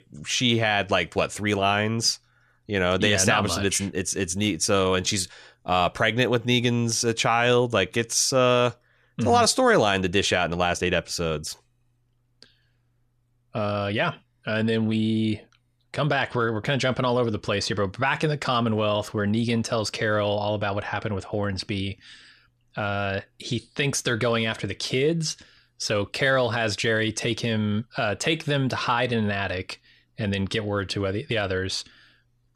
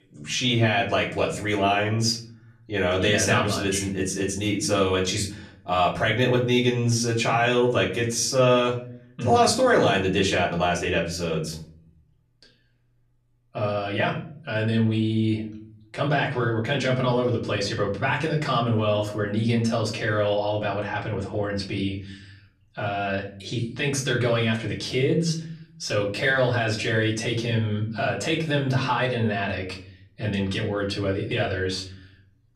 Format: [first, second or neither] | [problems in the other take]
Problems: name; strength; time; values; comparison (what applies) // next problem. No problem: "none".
first | off-mic speech; far // room echo; slight; dies away in 0.6 s